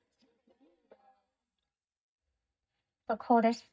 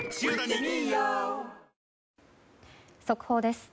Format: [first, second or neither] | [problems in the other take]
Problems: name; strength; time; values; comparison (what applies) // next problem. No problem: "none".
second | noise reduction (neural mask model DeepFilterNet 3)